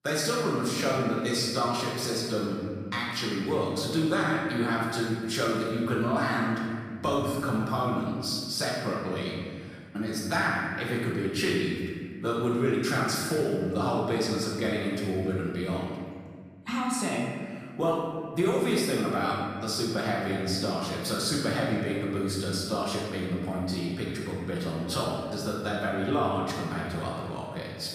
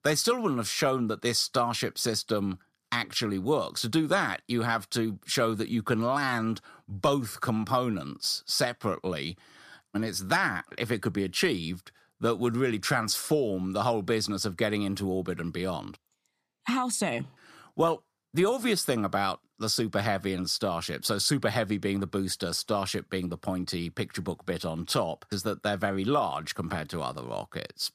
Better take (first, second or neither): second